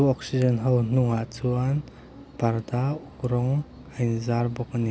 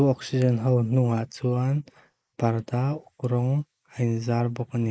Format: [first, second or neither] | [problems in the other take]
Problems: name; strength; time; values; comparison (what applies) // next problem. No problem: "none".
first | noise reduction (neural mask model Resemble Enhance denoiser)